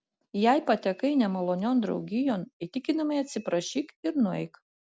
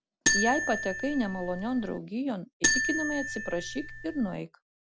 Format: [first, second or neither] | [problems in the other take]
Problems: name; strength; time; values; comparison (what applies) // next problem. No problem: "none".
first | background sound (Marimba, xylophone); 1 dB above the speech